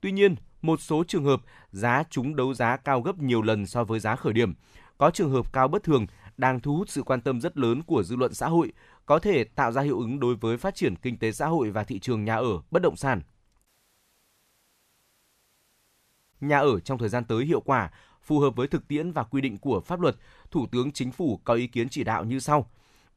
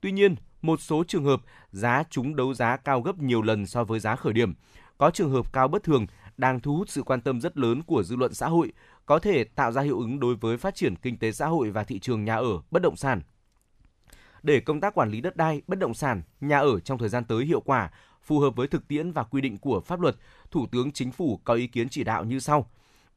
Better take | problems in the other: second | audio cutting out; at 14 s for 2.5 s

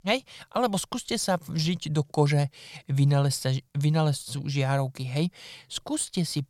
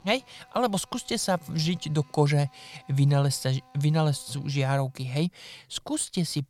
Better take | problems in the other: first | machinery noise; faint; throughout; 30 dB below the speech

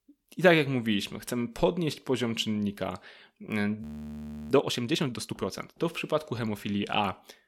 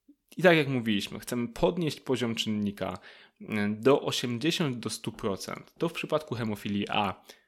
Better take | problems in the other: second | audio freezing; at 4 s for 0.5 s

